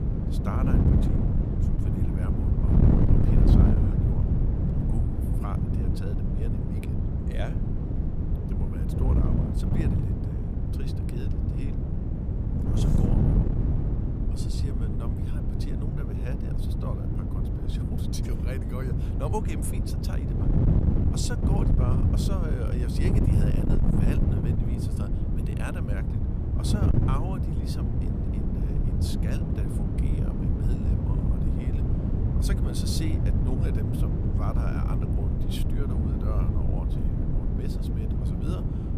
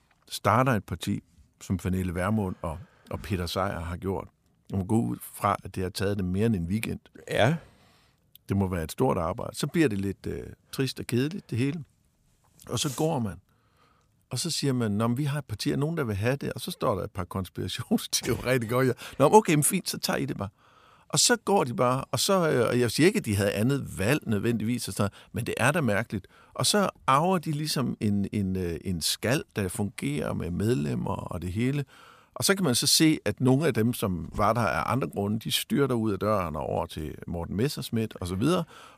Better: second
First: wind noise on the microphone; heavy; 4 dB above the speech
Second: none

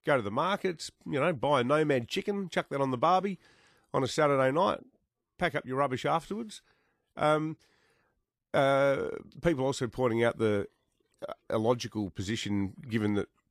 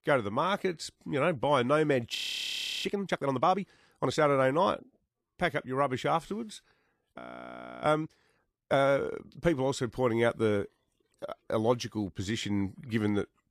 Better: first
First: none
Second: audio freezing; at 2 s for 0.5 s and at 7 s for 0.5 s

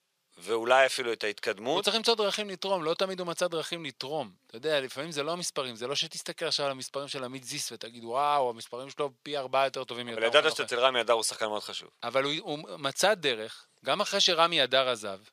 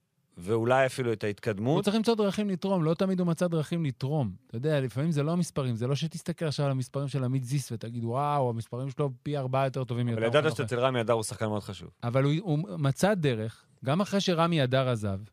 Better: second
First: thin; very; fading below 500 Hz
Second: none

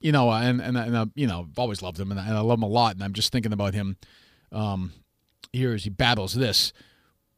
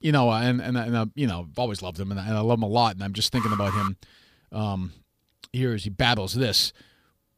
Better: first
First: none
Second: alarm; noticeable; at 3.5 s; peak 3 dB below the speech

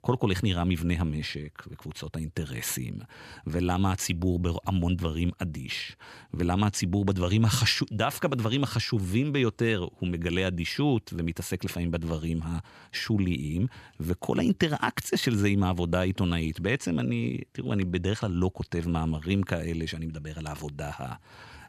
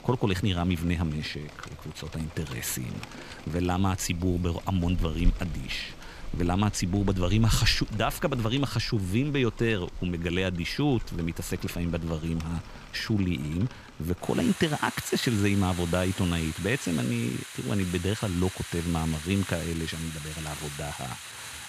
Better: first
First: none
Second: rain or running water; noticeable; throughout; 10 dB below the speech

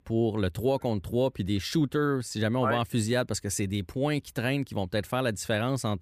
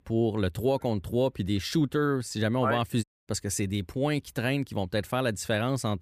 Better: first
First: none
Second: audio cutting out; at 3 s

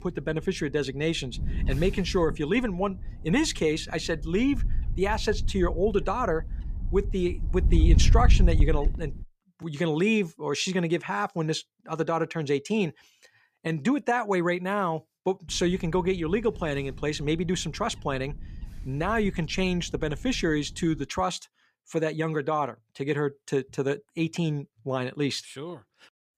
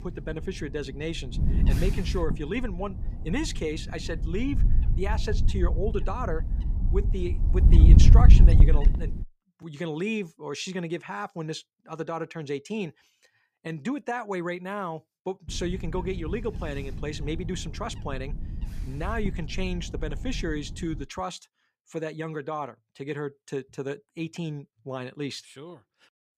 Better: first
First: wind noise on the microphone; occasional gusts; until 9 s and from 15 to 21 s; 20 dB below the speech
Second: wind noise on the microphone; heavy; until 9 s and from 15 to 21 s; 7 dB below the speech

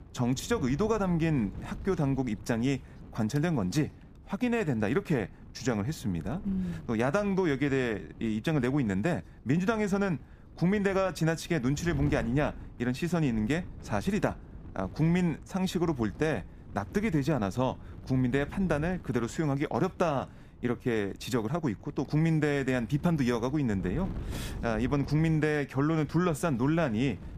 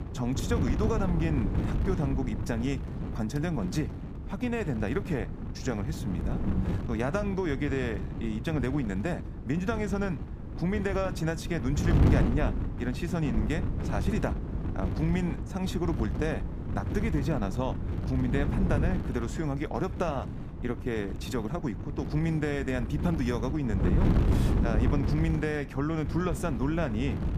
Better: first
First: wind noise on the microphone; occasional gusts; 20 dB below the speech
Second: wind noise on the microphone; heavy; 6 dB below the speech

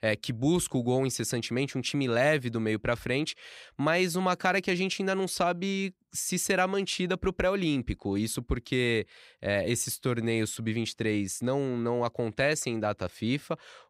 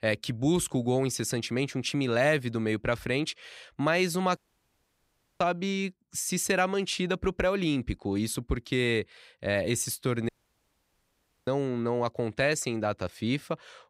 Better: first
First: none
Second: audio cutting out; at 4.5 s for 1 s and at 10 s for 1 s

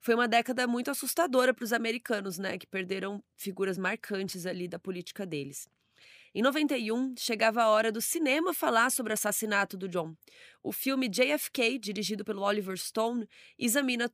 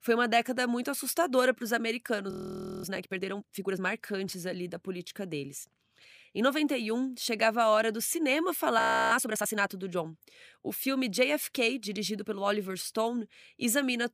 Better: first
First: none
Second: audio freezing; at 2.5 s for 0.5 s and at 9 s

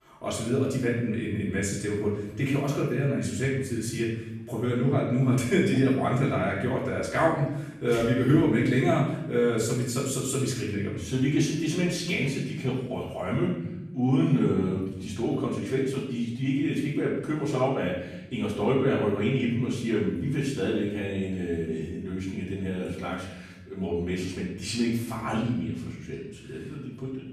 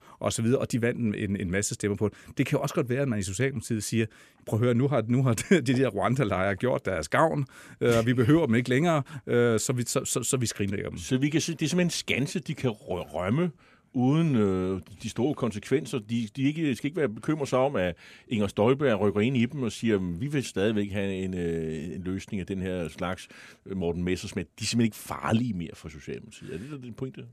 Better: second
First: off-mic speech; far // room echo; noticeable; dies away in 0.9 s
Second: none

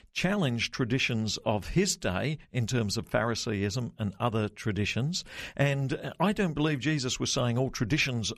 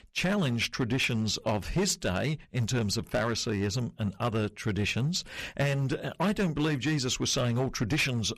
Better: first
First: none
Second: distortion; slight; 8% of the sound clipped

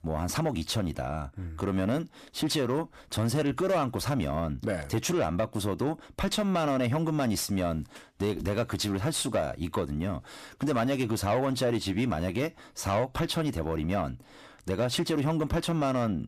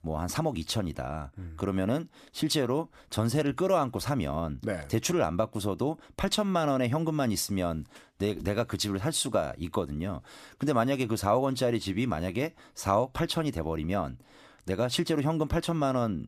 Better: second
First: distortion; slight; 10 dB below the speech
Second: none

